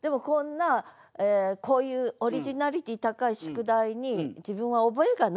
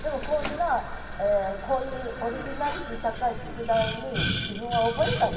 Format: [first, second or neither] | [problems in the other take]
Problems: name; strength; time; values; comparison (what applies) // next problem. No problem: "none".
first | background sound (Boiling); 5 dB below the speech // room echo; dies away in 2 s